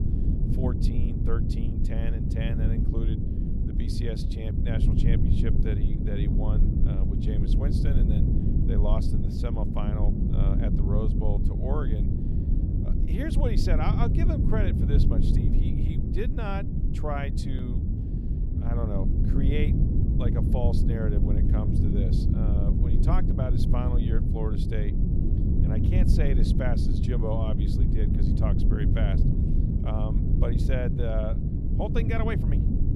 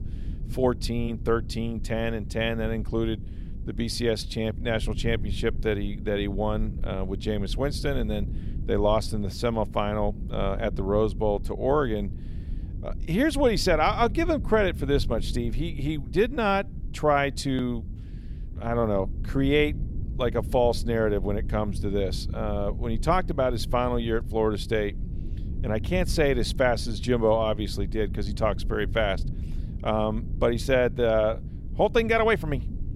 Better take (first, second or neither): second